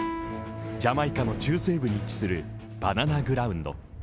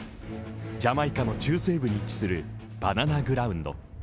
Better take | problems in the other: second | background sound (Guitar); 12 dB below the speech

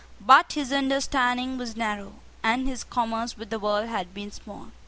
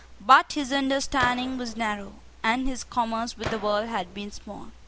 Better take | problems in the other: first | background sound (Gunshot, gunfire); 14 dB below the speech

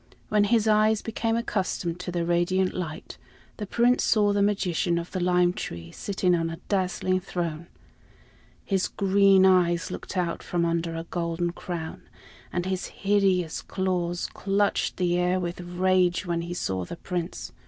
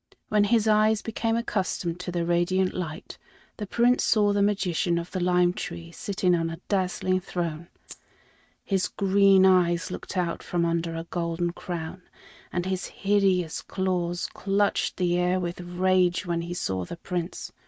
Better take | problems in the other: first | noise reduction (neural mask model RNNoise)

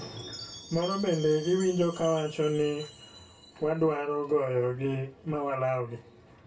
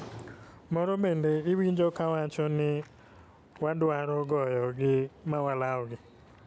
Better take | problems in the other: second | background sound (Chime); 18 dB below the speech // room echo; dies away in 0.2 s

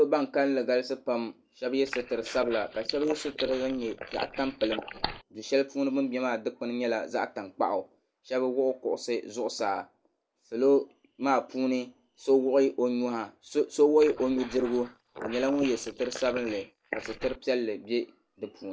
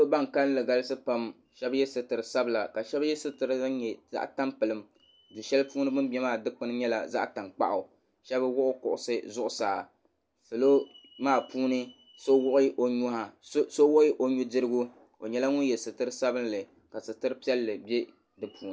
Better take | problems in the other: second | noise reduction (neural mask model Resemble Enhance denoiser)

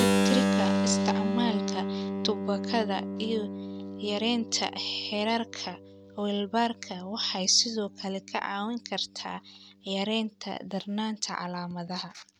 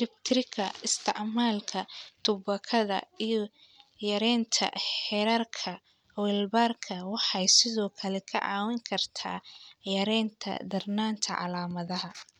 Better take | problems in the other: second | background sound (Keyboard (musical)); 1 dB below the speech

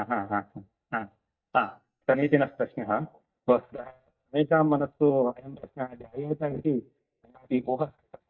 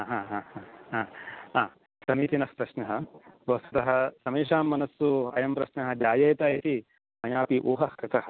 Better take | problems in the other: second | noise reduction (neural mask model DeepFilterNet 3)

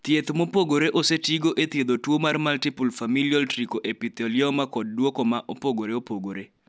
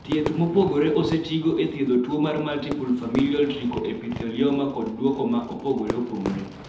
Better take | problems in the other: first | background sound (Fireworks); 12 dB below the speech // room echo; dies away in 0.7 s

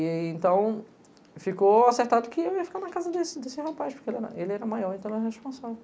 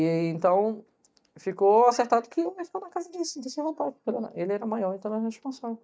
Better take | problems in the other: first | noise reduction (neural mask model DeepFilterNet 3)

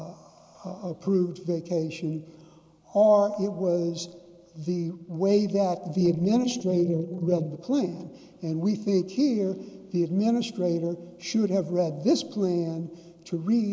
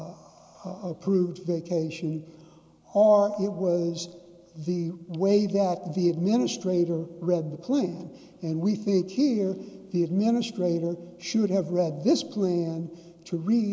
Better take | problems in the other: second | noise reduction (neural mask model Resemble Enhance denoiser)

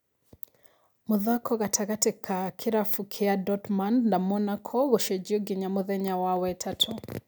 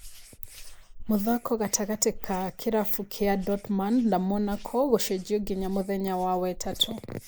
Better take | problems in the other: first | noise reduction (neural mask model Resemble Enhance denoiser)

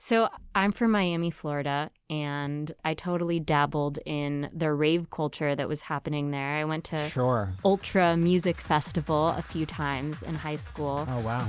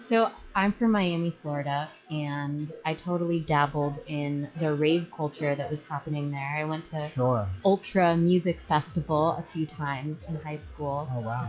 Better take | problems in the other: first | noise reduction (classical method log-MMSE)

